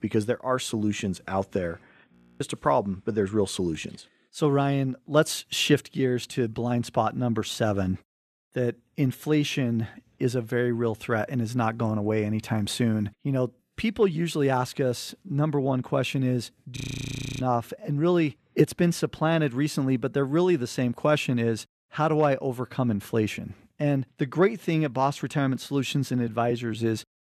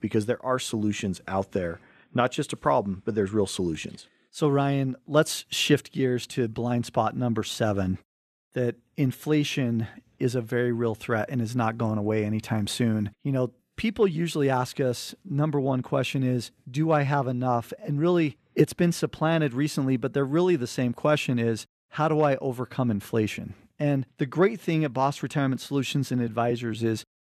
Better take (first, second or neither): second